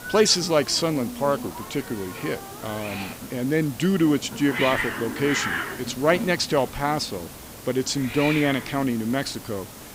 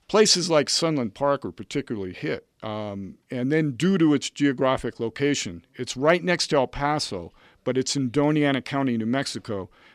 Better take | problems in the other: second | hiss; loud; throughout; 8 dB below the speech

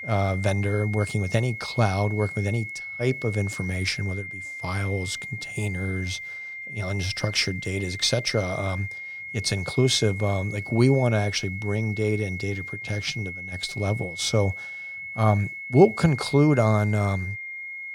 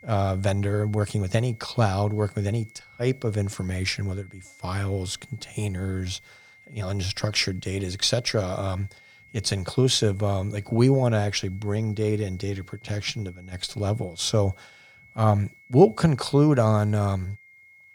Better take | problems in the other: second | high-pitched whine; loud; throughout; 2 kHz, 9 dB below the speech; faint in the second

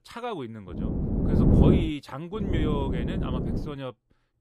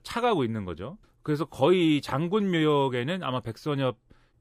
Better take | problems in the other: second | wind noise on the microphone; heavy; from 1 to 2 s and from 2.5 to 3.5 s; 3 dB above the speech

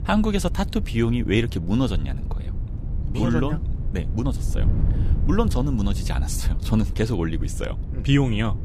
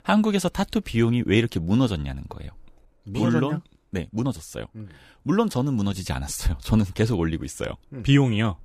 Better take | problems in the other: second | wind noise on the microphone; occasional gusts; 15 dB below the speech

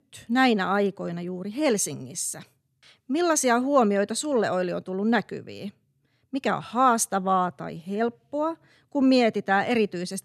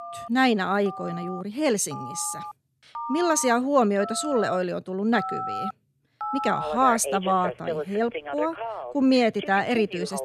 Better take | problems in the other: first | alarms or sirens; loud; throughout; 9 dB below the speech

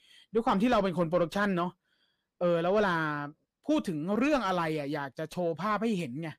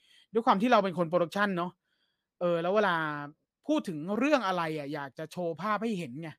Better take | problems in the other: second | distortion; slight; 10 dB below the speech

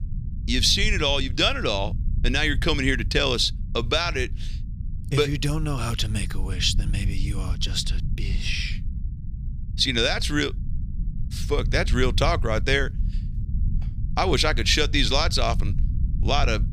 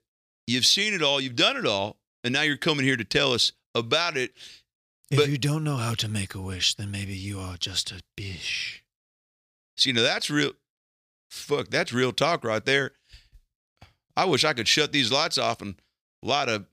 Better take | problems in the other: second | low rumble; faint; throughout; 20 dB below the speech

